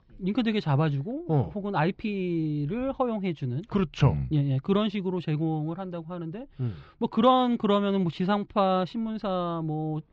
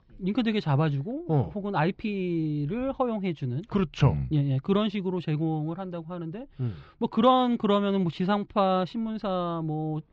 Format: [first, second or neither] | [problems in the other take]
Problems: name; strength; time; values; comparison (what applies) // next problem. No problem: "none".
neither | muffled; slightly; fading above 4 kHz; the same in both